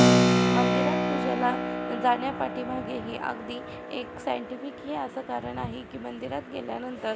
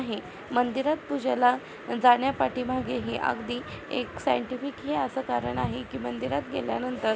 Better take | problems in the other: second | background sound (Keyboard (musical)); 4 dB above the speech

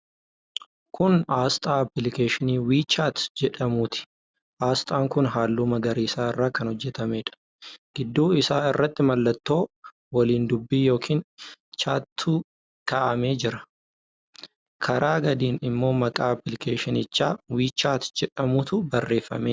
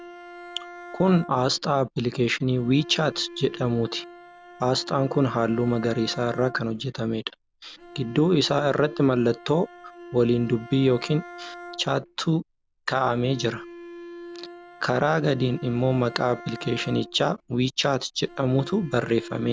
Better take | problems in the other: first | background sound (Bowed string instrument); 17 dB below the speech

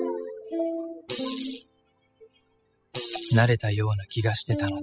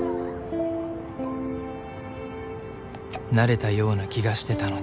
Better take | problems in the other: second | noise reduction (classical method spectral subtraction)

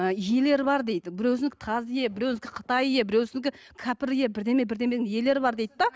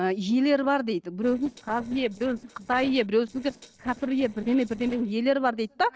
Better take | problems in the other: first | noise reduction (neural separator model SepFormer DNS4)

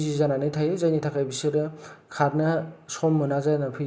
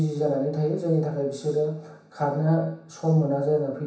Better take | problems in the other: first | room echo; dies away in 0.7 s

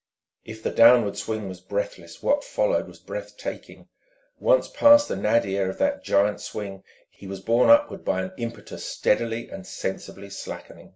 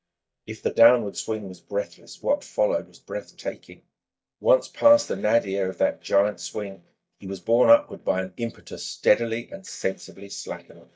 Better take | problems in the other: first | noise reduction (neural mask model DeepFilterNet 3)

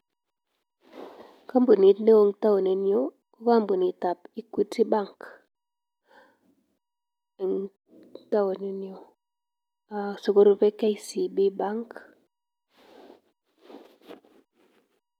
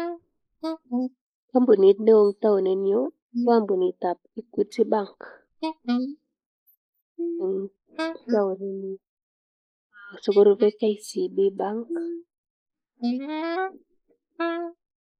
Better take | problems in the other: first | noise reduction (neural mask model Resemble Enhance denoiser)

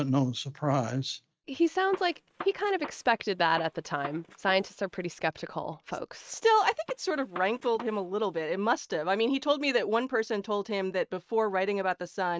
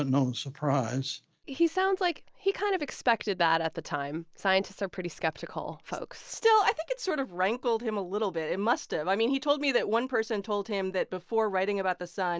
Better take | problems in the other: second | noise reduction (neural mask model RNNoise)

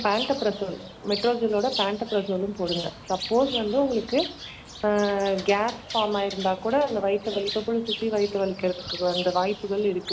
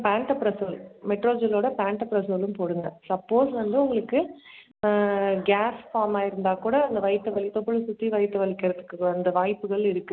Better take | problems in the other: second | background sound (Bird); 11 dB below the speech

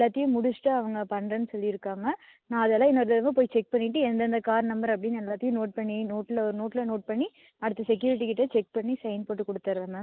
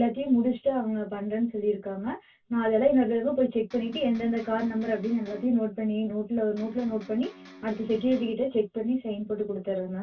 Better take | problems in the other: first | background sound (Electric guitar); 20 dB below the speech // room echo; dies away in 0.1 s

